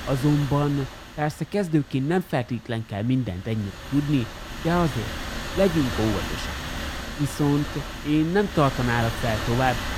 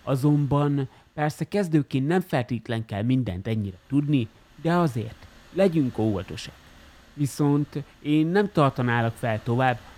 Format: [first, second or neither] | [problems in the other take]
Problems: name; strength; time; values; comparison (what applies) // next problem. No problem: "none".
second | wind noise on the microphone; heavy; 5 dB below the speech; occasional gusts in the second